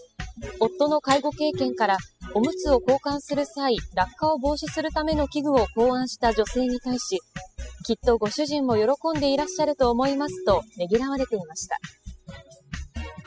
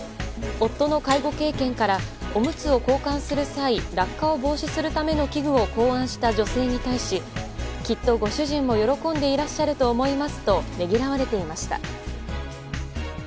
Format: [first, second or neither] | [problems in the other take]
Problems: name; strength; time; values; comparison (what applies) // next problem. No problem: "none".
second | noise reduction (classical method spectral subtraction)